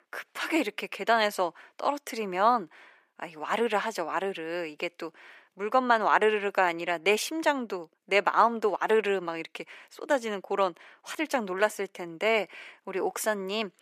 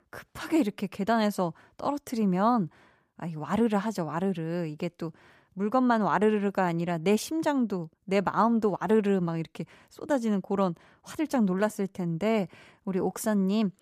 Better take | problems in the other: second | thin; somewhat; fading below 350 Hz

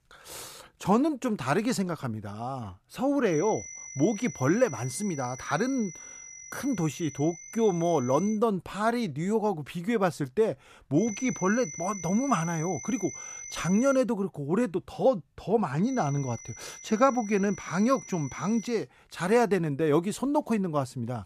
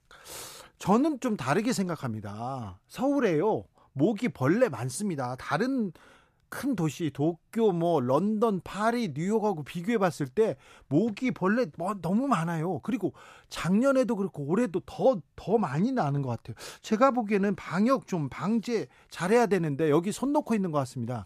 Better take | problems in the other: second | high-pitched whine; noticeable; from 3.5 to 8.5 s, from 11 to 14 s and from 16 to 19 s; 6 kHz, 15 dB below the speech

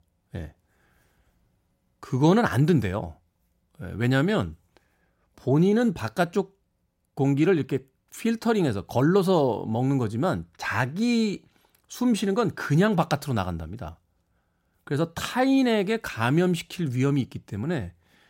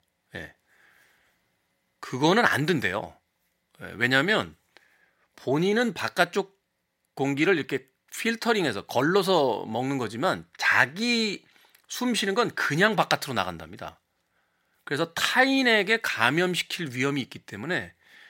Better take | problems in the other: first | thin; somewhat; fading below 1 kHz

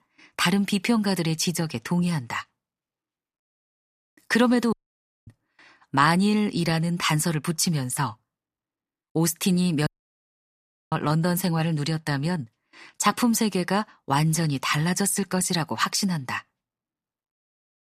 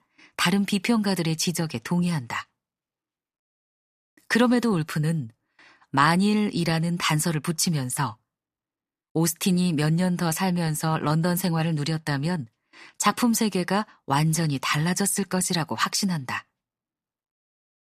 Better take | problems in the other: second | audio cutting out; at 4.5 s for 0.5 s and at 10 s for 1 s

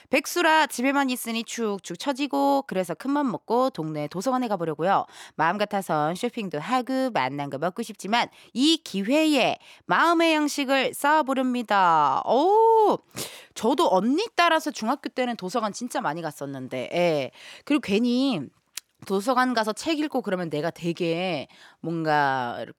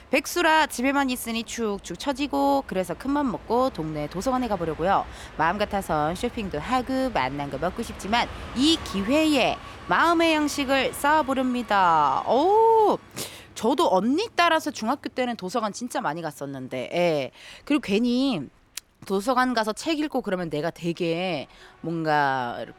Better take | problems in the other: first | train or aircraft noise; noticeable; throughout; 20 dB below the speech

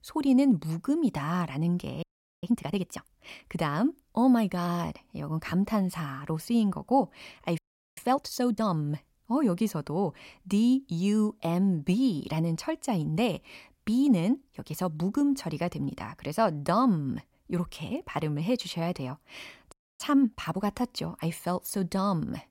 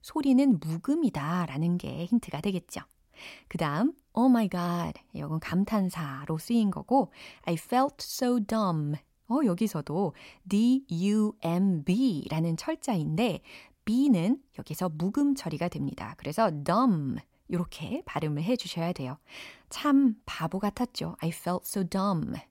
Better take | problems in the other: second | audio freezing; at 2 s, at 7.5 s and at 20 s

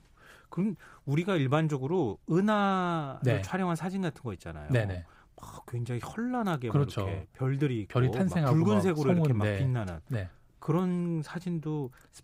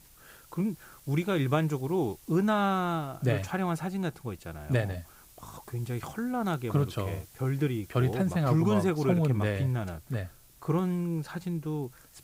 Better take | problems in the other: first | hiss; faint; throughout; 25 dB below the speech

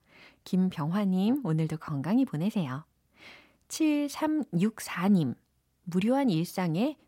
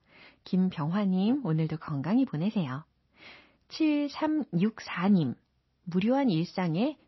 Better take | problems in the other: first | garbled, watery; slightly; nothing above 5.5 kHz

